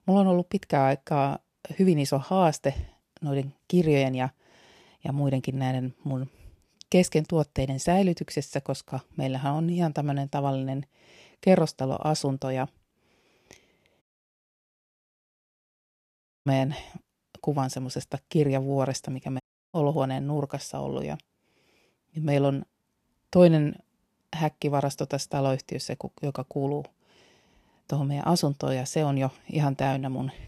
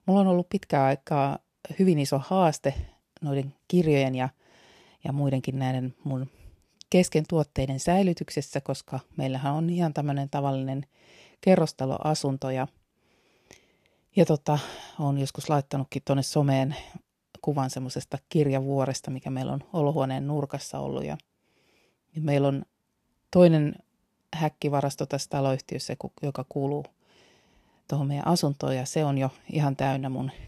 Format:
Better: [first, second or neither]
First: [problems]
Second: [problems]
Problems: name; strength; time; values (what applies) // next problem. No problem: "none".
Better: second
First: audio cutting out; at 14 s for 2.5 s and at 19 s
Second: none